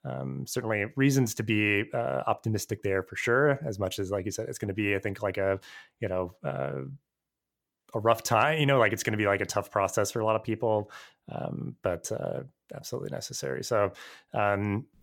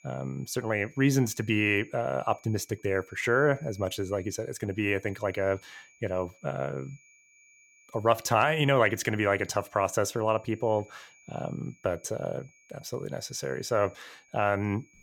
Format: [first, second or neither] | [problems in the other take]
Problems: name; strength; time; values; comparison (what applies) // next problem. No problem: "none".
first | high-pitched whine; faint; throughout; 2.5 kHz, 30 dB below the speech